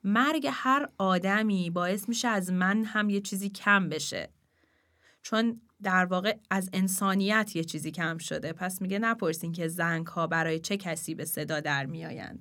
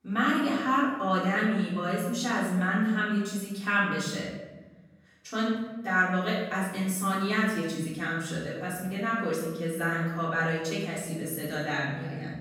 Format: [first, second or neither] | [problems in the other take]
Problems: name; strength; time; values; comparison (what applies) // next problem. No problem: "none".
first | off-mic speech; far // room echo; noticeable; dies away in 1.1 s